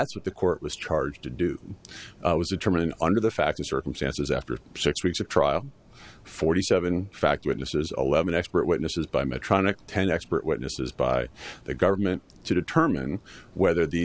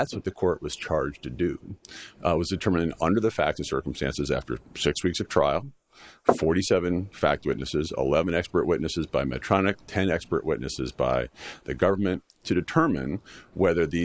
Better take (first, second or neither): first